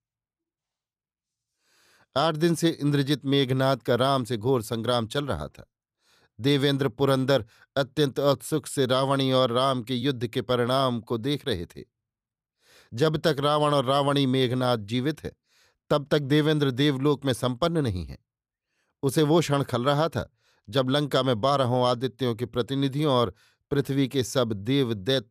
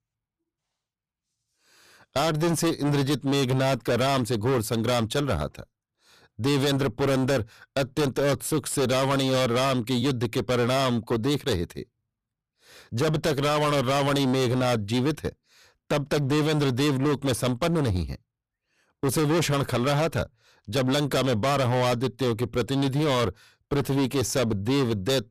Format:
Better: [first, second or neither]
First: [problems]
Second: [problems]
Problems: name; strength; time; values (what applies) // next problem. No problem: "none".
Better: first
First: none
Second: distortion; heavy; 25% of the sound clipped